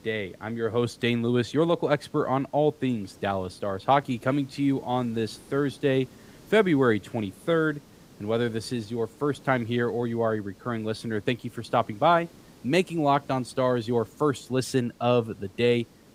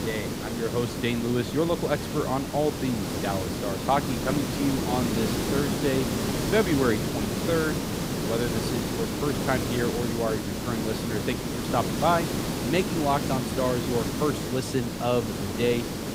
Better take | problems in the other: first | hiss; loud; throughout; 1 dB below the speech; faint in the first

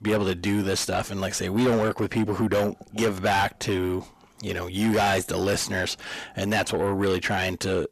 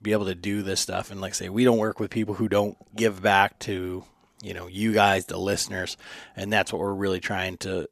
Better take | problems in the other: second | distortion; heavy; 6 dB below the speech

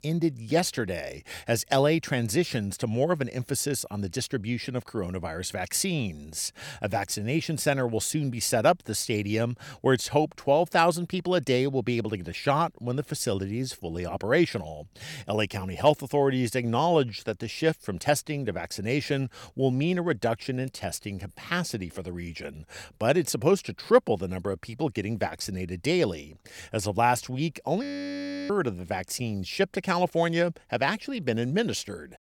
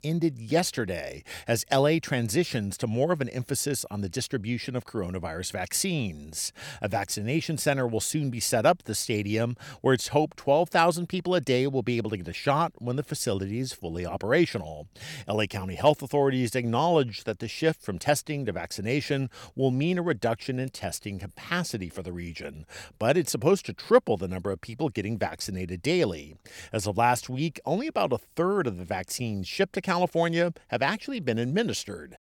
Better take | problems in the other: second | audio freezing; at 28 s for 0.5 s

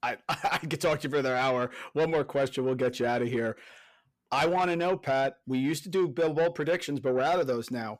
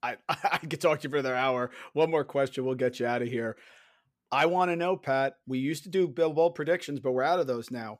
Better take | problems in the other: second | distortion; slight; 10 dB below the speech

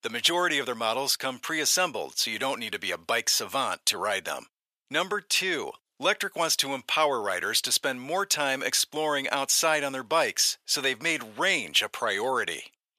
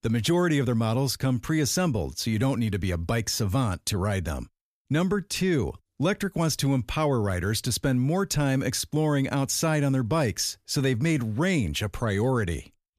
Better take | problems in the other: second | thin; very; fading below 700 Hz

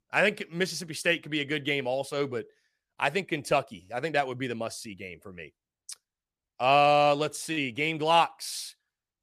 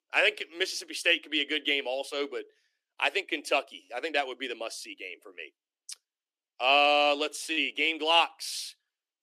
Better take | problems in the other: first | thin; very slightly; fading below 300 Hz

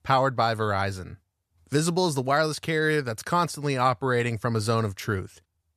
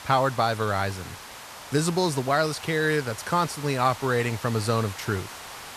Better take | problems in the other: first | hiss; noticeable; throughout; 15 dB below the speech

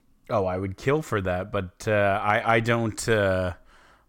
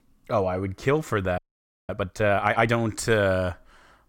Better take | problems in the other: first | audio freezing; at 1.5 s for 0.5 s

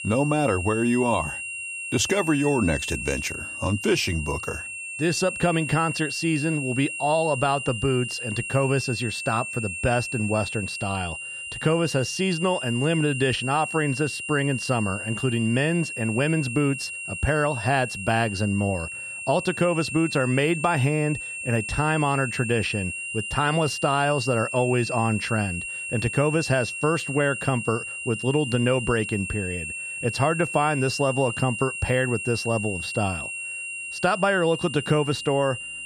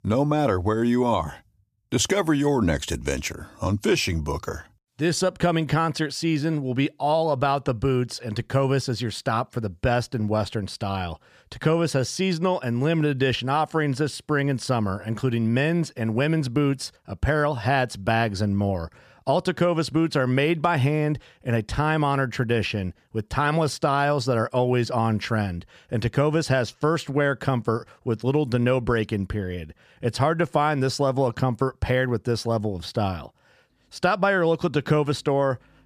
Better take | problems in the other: second | high-pitched whine; loud; throughout; 2.5 kHz, 6 dB below the speech

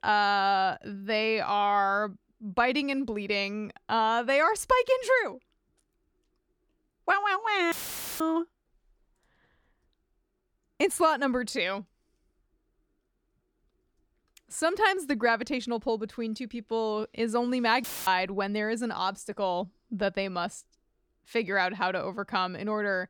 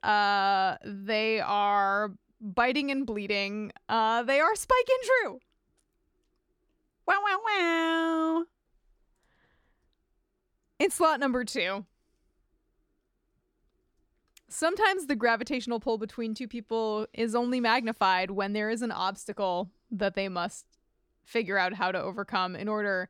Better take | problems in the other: second | audio cutting out; filled with static; at 7.5 s and at 18 s

